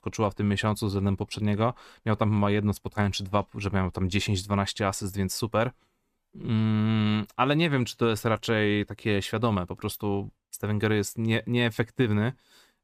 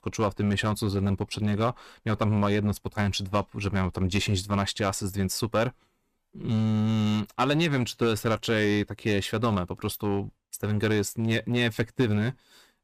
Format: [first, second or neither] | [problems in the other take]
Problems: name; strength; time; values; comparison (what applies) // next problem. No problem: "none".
first | distortion; slight; 5% of the sound clipped